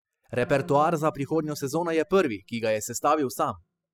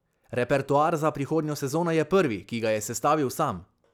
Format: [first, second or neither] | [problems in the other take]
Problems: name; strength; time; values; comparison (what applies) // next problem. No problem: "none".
second | noise reduction (classical method spectral subtraction)